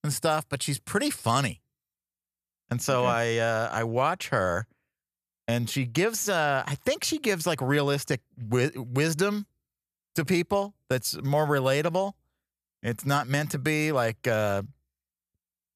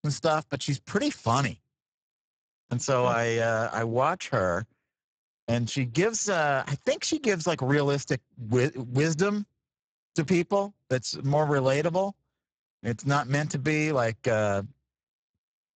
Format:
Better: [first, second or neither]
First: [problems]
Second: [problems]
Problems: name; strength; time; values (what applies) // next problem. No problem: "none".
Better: first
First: none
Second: garbled, watery; badly; nothing above 7.5 kHz